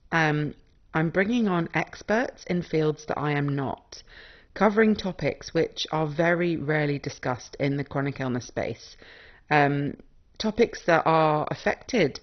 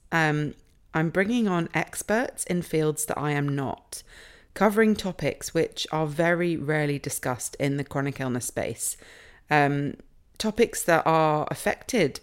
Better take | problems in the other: second | garbled, watery; badly; nothing above 6 kHz

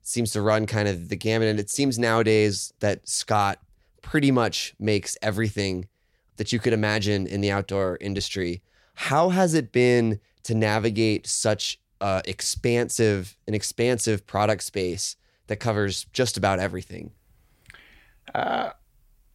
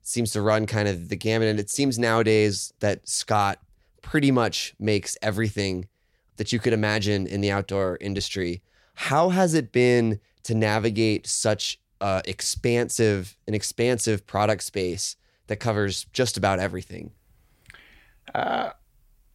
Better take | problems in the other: neither | none

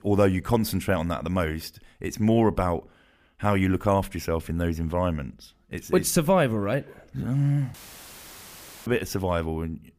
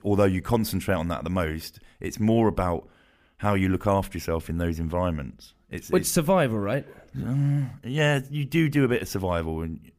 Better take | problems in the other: second | audio cutting out; filled with static; at 7.5 s for 1 s

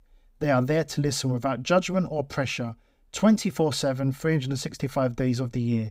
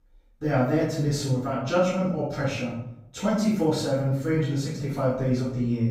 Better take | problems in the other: first | room echo; noticeable; dies away in 0.7 s // off-mic speech; far

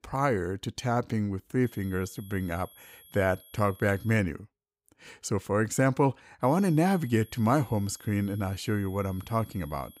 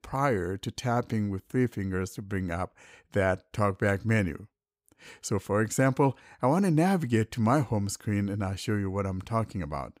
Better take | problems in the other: second | high-pitched whine; faint; from 1.5 to 4 s and from 6.5 s on; 11.5 kHz, 25 dB below the speech

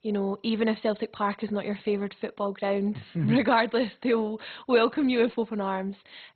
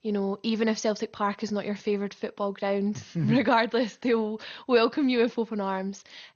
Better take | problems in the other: second | garbled, watery; badly; nothing above 4 kHz; slightly in the second

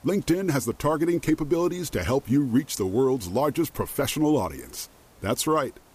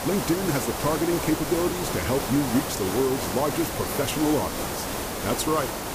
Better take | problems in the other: first | hiss; loud; throughout; 3 dB below the speech; faint in the first

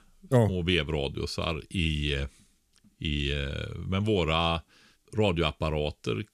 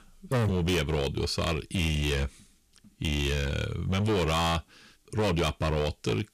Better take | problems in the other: first | distortion; heavy; 16% of the sound clipped

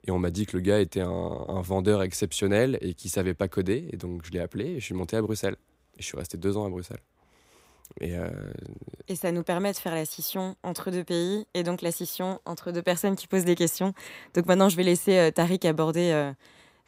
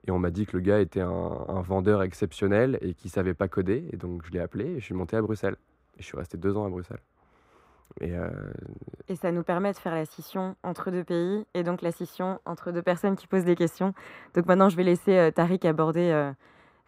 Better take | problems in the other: first | muffled; very; fading above 3 kHz

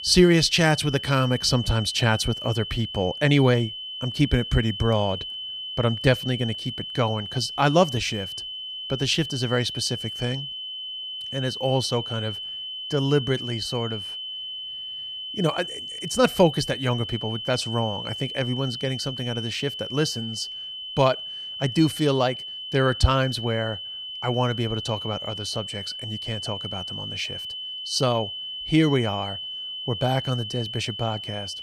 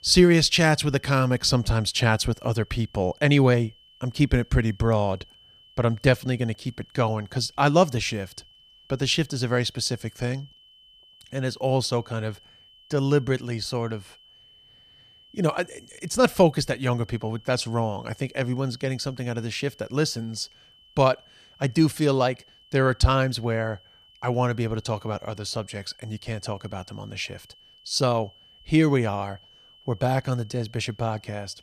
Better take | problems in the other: second | high-pitched whine; loud; throughout; 3 kHz, 7 dB below the speech; faint in the second

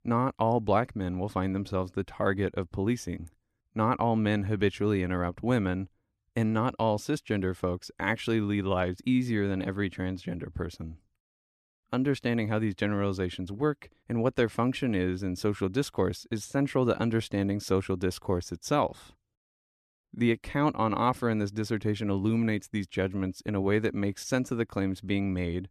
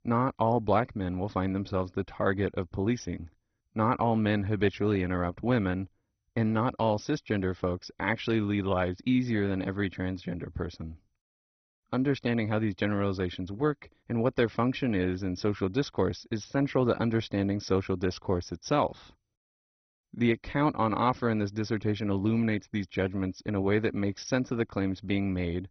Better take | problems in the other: first | garbled, watery; badly; nothing above 6 kHz

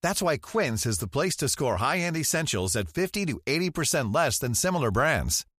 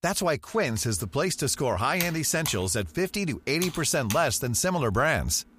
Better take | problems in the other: first | keyboard typing; noticeable; from 1 to 4 s; peak 7 dB below the speech

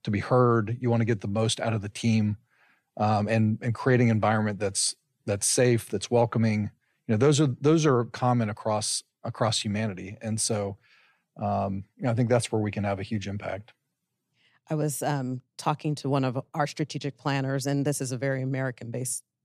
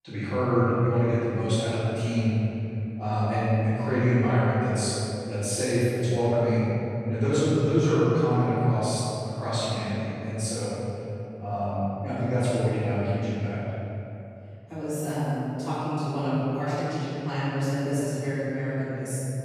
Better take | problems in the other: first | off-mic speech; far // room echo; strong; dies away in 2.9 s

